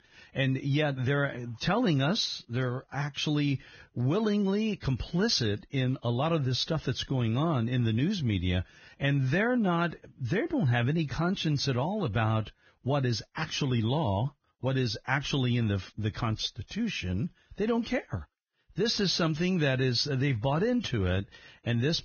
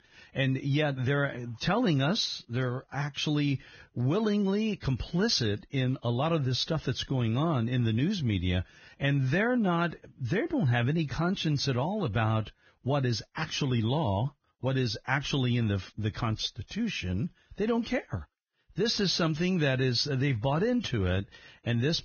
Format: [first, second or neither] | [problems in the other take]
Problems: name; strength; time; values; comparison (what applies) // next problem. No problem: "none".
neither | garbled, watery; badly; nothing above 6.5 kHz; the same in both